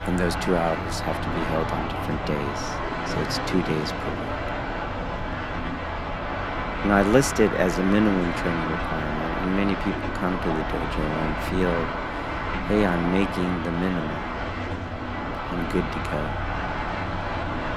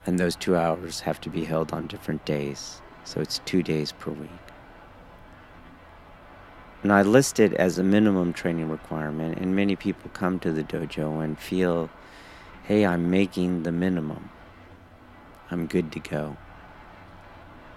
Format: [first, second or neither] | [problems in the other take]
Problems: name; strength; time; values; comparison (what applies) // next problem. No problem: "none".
second | traffic noise; loud; throughout; 3 dB below the speech; faint in the second